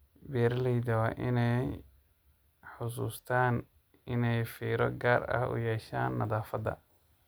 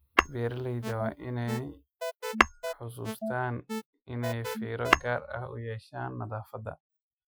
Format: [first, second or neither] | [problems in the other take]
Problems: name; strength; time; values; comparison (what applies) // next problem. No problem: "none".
first | noise reduction (classical method Wiener filter)